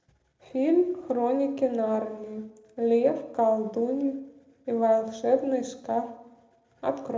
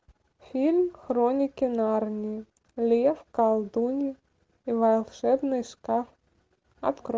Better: second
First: room echo; dies away in 0.7 s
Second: none

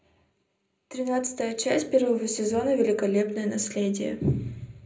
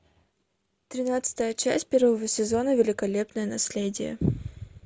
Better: second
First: room echo; dies away in 0.5 s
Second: none

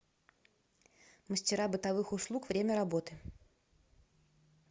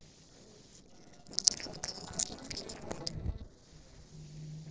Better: first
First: none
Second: noise reduction (neural separator model SepFormer DNS4)

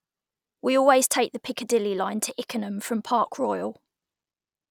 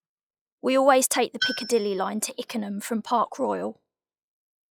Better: first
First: none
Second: noise reduction (classical method log-MMSE)

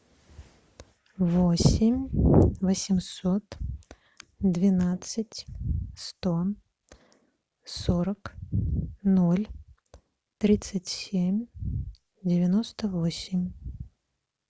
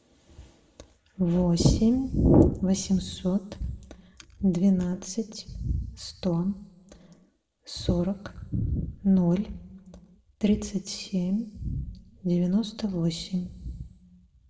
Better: first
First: none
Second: room echo; dies away in 1.1 s

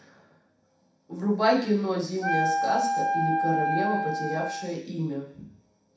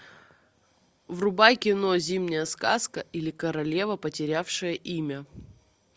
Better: second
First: background sound (Wind instrument, woodwind instrument); 2 dB above the speech // room echo; dies away in 0.7 s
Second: none

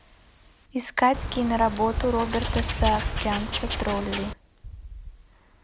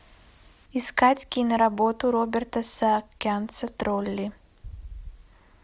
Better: second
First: background sound (Wild animals); 2 dB below the speech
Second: none

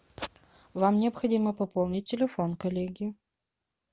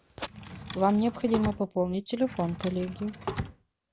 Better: first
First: none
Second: background sound (Drawer open or close); 10 dB below the speech

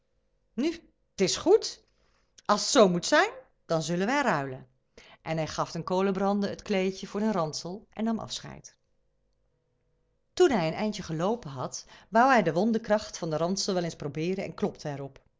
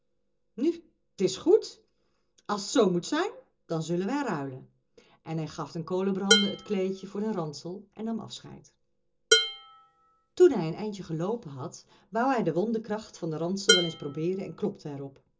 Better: first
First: none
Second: background sound (Dishes, pots, and pans); 2 dB above the speech // room echo; dies away in 0.2 s

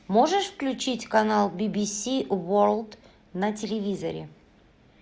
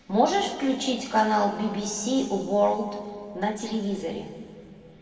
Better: first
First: none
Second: room echo; dies away in 1.9 s

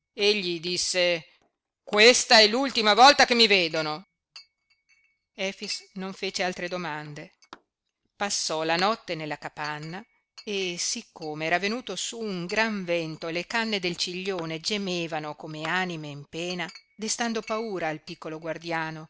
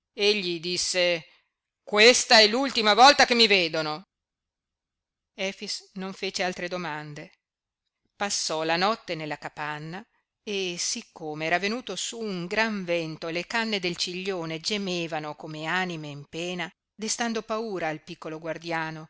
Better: second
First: noise reduction (neural separator model SepFormer DNS4)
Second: none

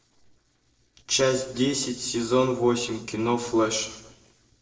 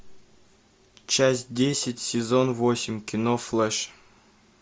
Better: second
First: noise reduction (neural separator model SepFormer DNS4)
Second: none

